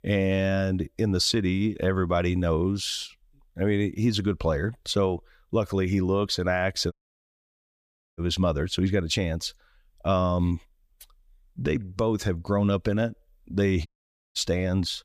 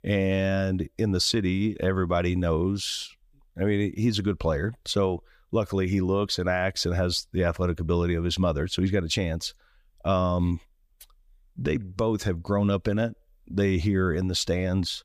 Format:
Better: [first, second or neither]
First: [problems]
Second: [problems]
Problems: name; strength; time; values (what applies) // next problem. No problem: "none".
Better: second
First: audio cutting out; at 7 s for 1.5 s and at 14 s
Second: none